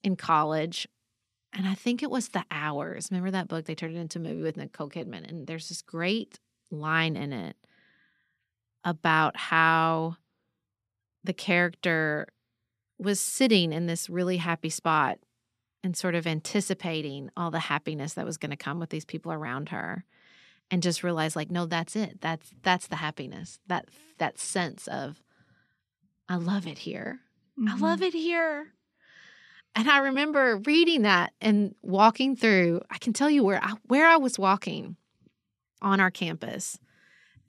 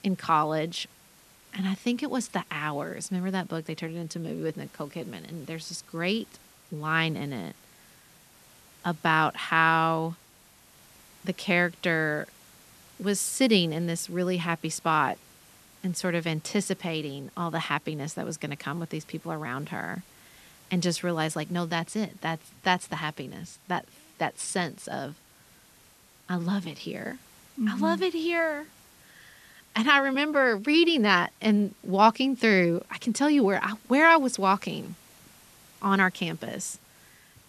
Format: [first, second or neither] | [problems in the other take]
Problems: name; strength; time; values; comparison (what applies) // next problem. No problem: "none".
first | hiss; faint; throughout; 25 dB below the speech